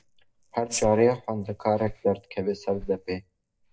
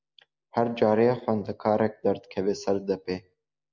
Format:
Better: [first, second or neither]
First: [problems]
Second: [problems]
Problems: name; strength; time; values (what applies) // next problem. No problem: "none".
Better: second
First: noise reduction (neural mask model DeepFilterNet 3)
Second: none